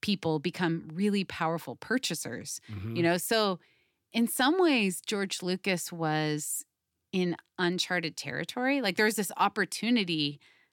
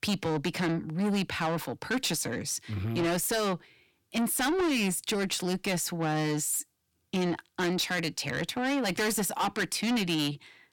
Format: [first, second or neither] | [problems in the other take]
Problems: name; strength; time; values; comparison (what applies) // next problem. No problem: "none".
first | distortion; heavy; 6 dB below the speech